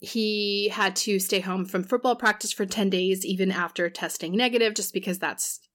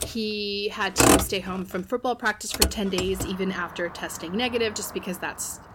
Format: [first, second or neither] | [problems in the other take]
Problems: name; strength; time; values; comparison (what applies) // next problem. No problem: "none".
first | traffic noise; very loud; throughout; 4 dB above the speech